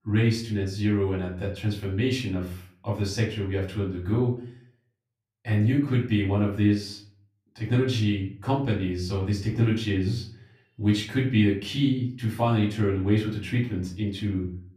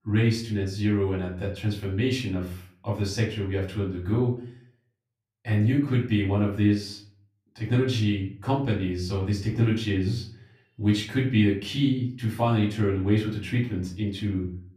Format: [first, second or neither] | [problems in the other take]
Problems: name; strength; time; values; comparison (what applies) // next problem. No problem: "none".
neither | off-mic speech; far; the same in both // room echo; slight; dies away in 0.4 s; the same in both